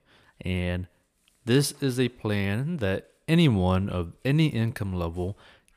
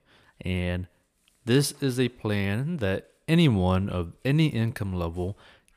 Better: neither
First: none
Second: none

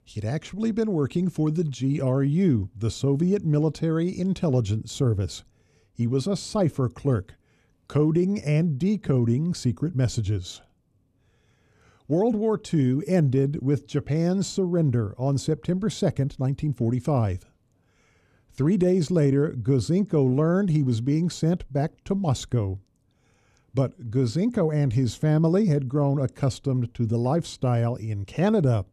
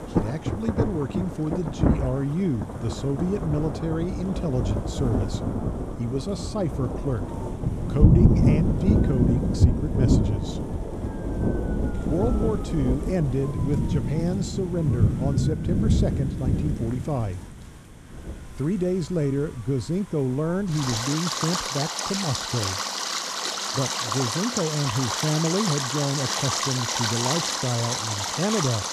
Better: first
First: none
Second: rain or running water; very loud; throughout; 2 dB above the speech

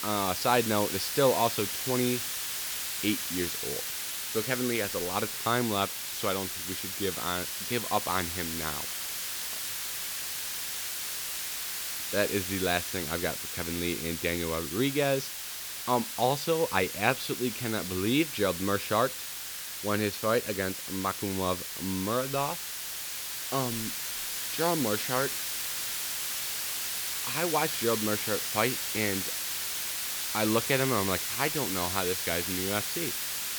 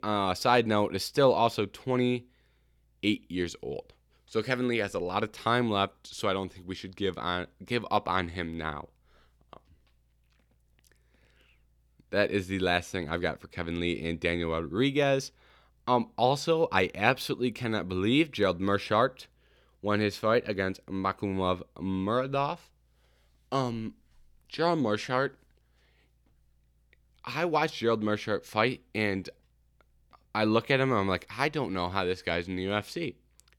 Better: second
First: hiss; loud; throughout; 1 dB below the speech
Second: none

